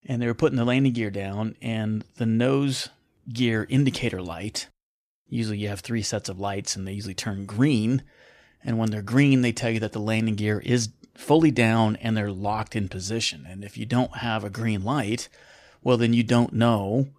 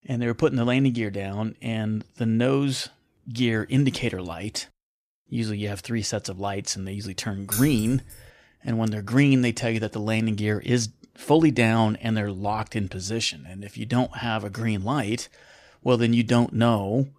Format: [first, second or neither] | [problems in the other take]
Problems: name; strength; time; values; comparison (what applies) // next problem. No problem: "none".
first | jangling keys; noticeable; at 7.5 s; peak 4 dB below the speech